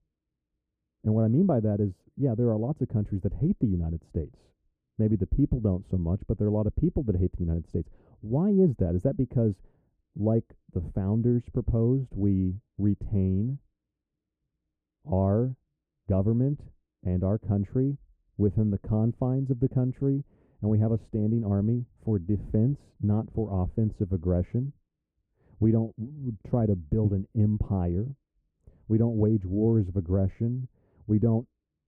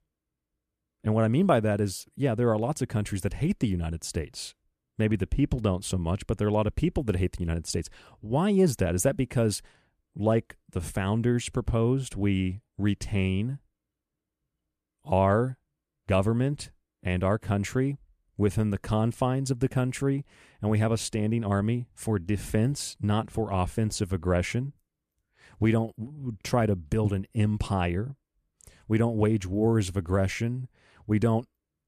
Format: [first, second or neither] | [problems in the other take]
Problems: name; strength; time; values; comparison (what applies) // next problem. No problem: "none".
second | muffled; very; fading above 1.5 kHz